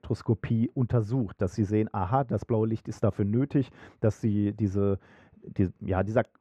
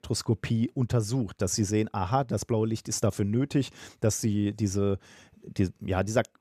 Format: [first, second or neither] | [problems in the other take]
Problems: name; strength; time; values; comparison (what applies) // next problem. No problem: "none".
second | muffled; very; fading above 3.5 kHz